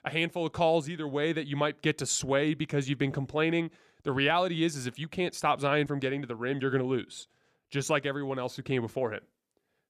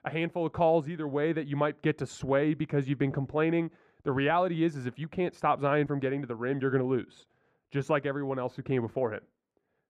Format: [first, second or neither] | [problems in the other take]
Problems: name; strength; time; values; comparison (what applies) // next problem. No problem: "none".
first | muffled; very; fading above 3 kHz